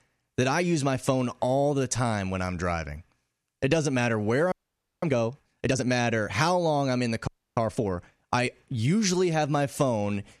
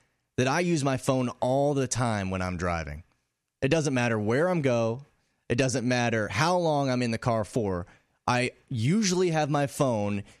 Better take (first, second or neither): second